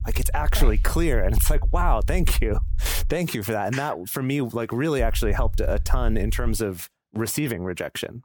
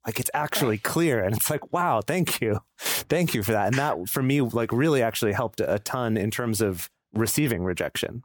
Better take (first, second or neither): second